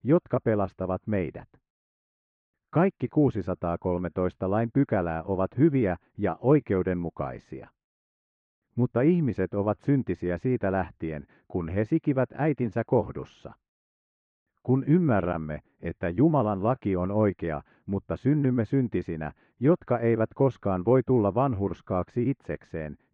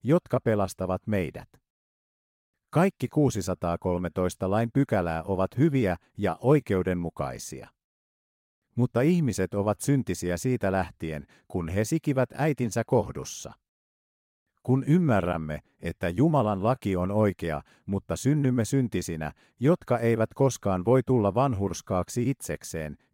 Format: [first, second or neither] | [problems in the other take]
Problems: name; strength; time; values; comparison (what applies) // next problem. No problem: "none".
second | muffled; very; fading above 2.5 kHz